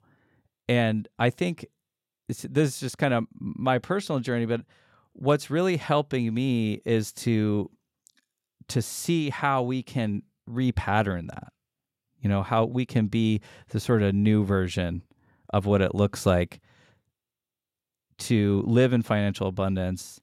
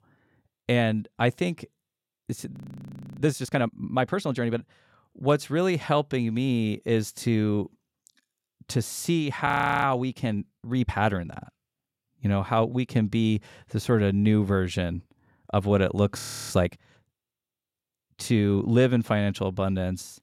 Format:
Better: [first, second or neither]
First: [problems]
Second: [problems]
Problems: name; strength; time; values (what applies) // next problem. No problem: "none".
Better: first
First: none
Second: audio freezing; at 2.5 s for 0.5 s, at 9.5 s and at 16 s